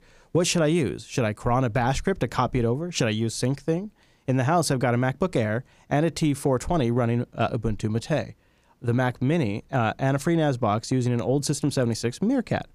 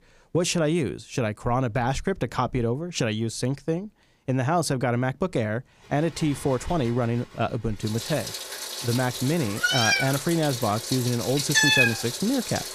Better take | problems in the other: first | animal sounds; very loud; from 6 s on; 1 dB above the speech

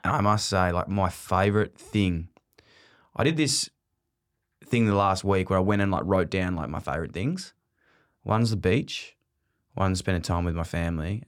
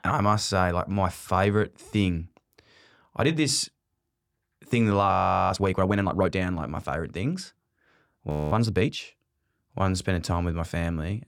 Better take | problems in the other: first | audio freezing; at 5 s and at 8.5 s

